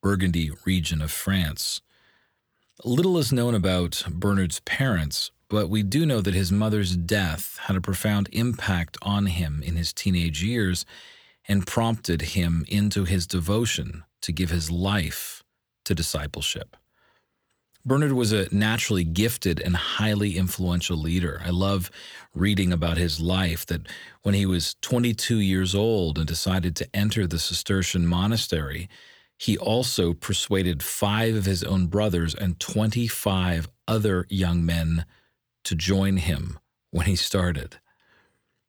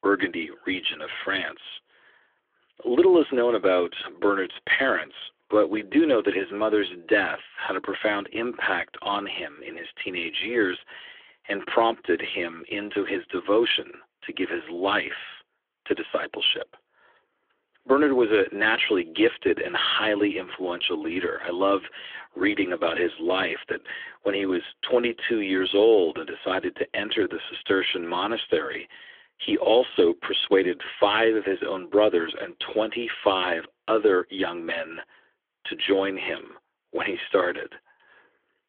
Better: first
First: none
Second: phone-call audio; nothing above 3.5 kHz

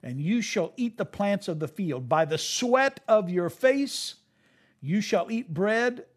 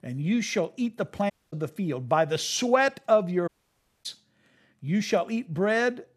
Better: first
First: none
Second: audio cutting out; at 1.5 s and at 3.5 s for 0.5 s

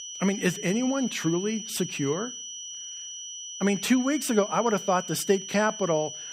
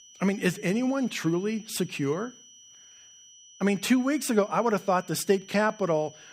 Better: second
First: high-pitched whine; loud; throughout; 6 kHz, 9 dB below the speech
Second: high-pitched whine; faint; throughout; 6 kHz, 25 dB below the speech

